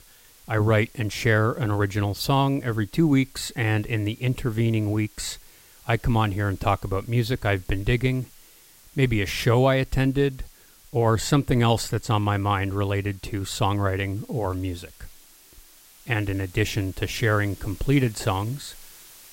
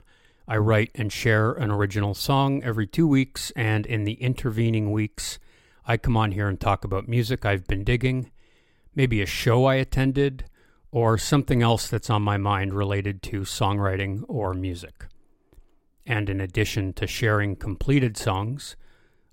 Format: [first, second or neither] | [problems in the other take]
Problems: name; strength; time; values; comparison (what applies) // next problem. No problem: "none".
second | hiss; faint; throughout; 25 dB below the speech